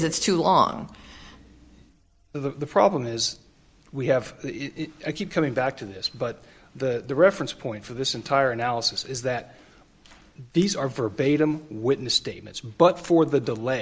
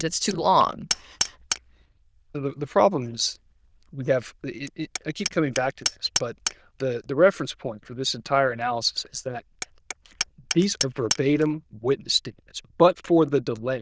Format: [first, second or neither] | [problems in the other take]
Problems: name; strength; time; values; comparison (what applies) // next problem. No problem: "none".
first | noise reduction (neural diffusion model UNIVERSE++)